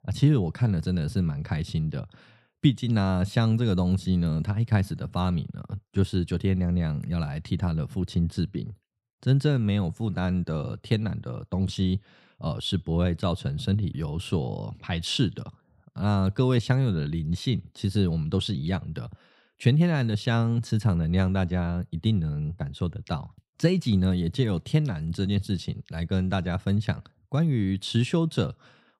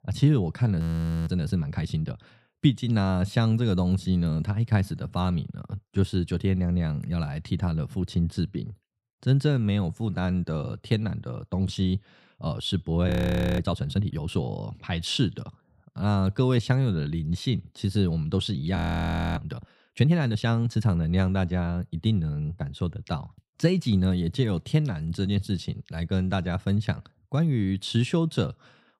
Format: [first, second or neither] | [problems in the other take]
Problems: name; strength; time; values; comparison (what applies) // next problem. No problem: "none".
first | audio freezing; at 1 s, at 13 s and at 19 s for 0.5 s